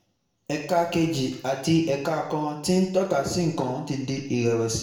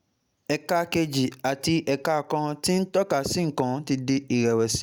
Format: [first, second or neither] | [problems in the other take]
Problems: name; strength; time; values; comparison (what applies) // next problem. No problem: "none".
second | room echo; dies away in 0.7 s